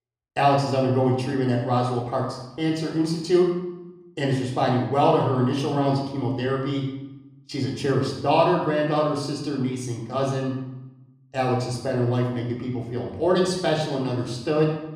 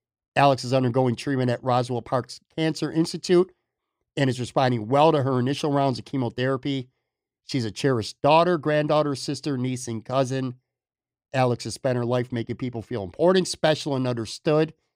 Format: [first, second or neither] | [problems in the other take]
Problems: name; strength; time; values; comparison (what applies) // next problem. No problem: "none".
second | off-mic speech; far // room echo; noticeable; dies away in 0.8 s